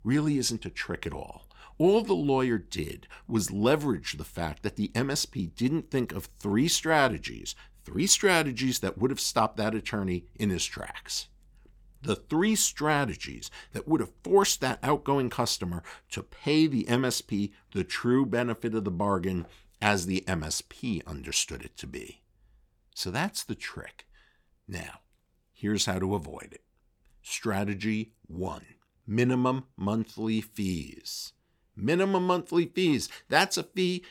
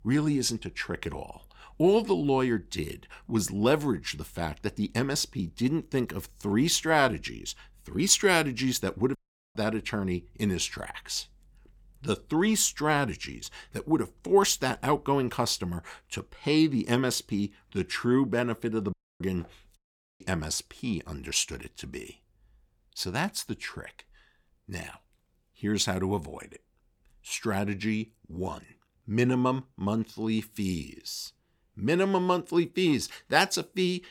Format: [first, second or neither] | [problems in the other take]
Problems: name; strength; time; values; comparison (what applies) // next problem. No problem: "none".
first | audio cutting out; at 9 s, at 19 s and at 20 s